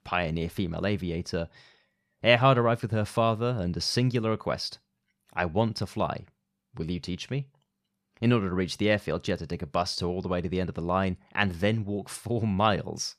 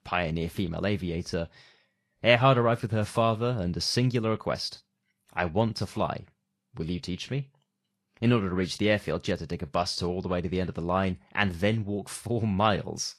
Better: first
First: none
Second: garbled, watery; slightly; nothing above 12.5 kHz

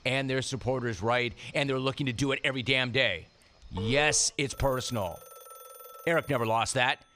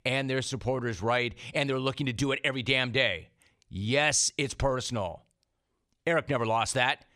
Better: second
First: alarms or sirens; noticeable; throughout; 15 dB below the speech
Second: none

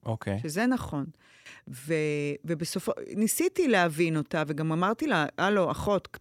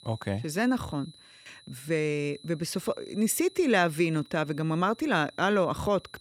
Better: first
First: none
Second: high-pitched whine; faint; throughout; 4 kHz, 25 dB below the speech

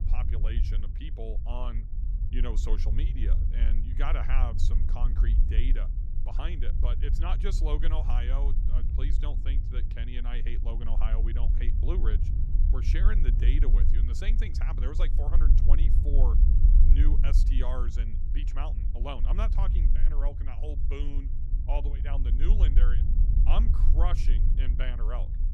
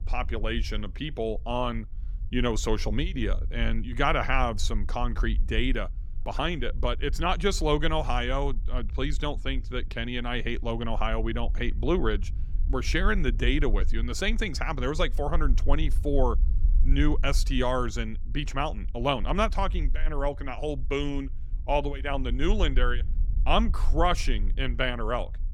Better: second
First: low rumble; loud; throughout; 6 dB below the speech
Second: low rumble; faint; throughout; 25 dB below the speech

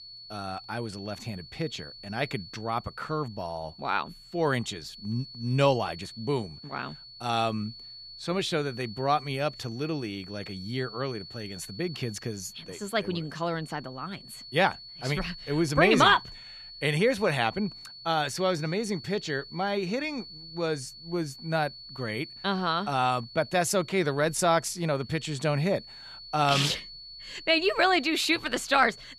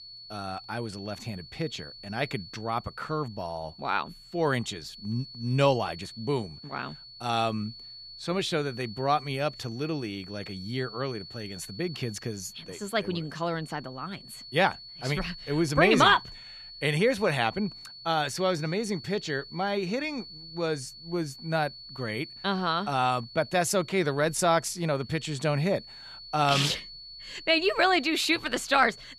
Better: neither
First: high-pitched whine; noticeable; throughout; 4.5 kHz, 15 dB below the speech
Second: high-pitched whine; noticeable; throughout; 4.5 kHz, 15 dB below the speech

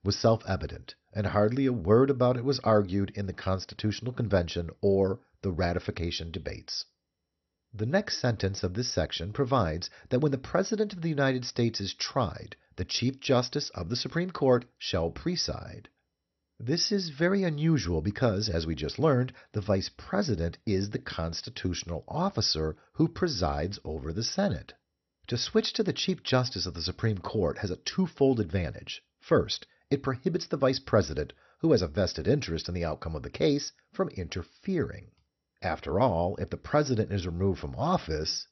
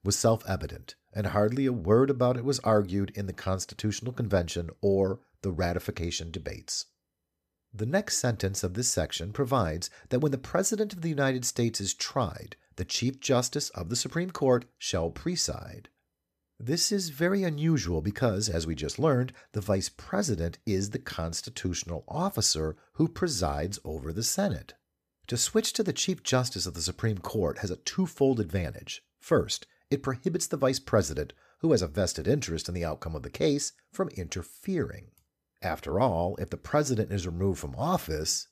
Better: second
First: garbled, watery; slightly; nothing above 6 kHz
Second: none

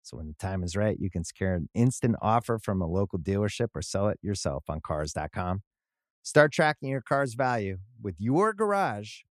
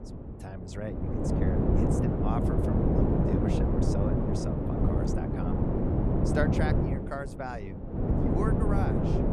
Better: first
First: none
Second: wind noise on the microphone; heavy; 4 dB above the speech

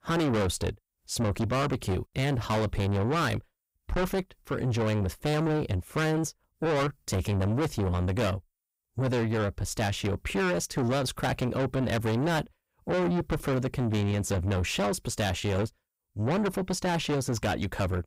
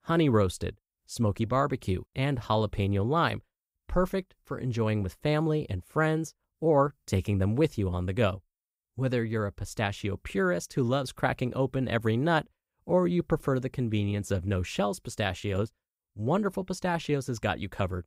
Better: second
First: distortion; heavy; 6 dB below the speech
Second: none

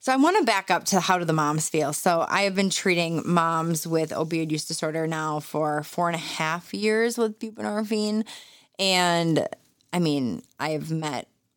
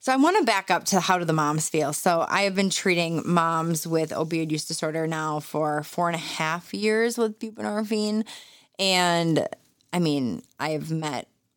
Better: neither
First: none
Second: none

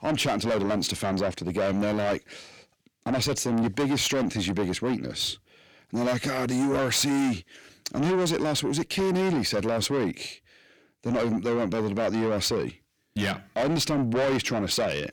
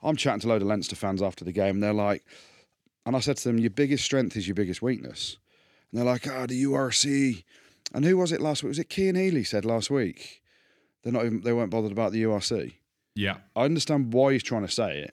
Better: second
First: distortion; heavy; 6 dB below the speech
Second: none

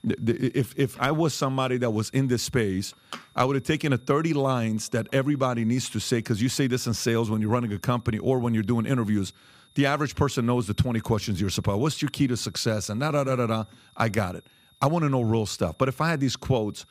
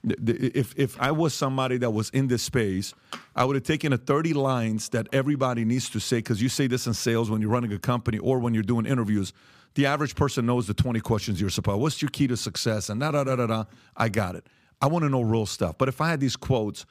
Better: second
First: high-pitched whine; faint; throughout; 3.5 kHz, 35 dB below the speech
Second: none

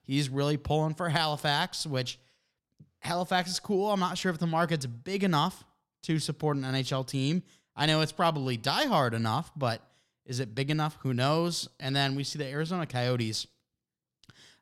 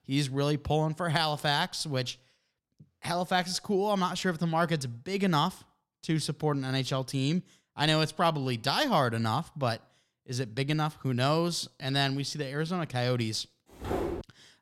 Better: first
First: none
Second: footsteps; noticeable; at 14 s; peak 4 dB below the speech

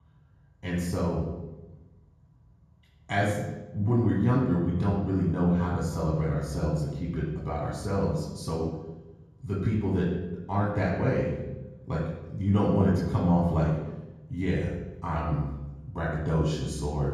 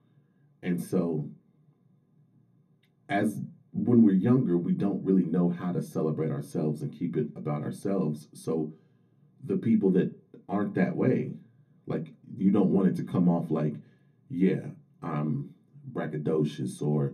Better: second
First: room echo; strong; dies away in 1.3 s // off-mic speech; far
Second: room echo; slight; dies away in 0.3 s // off-mic speech; far

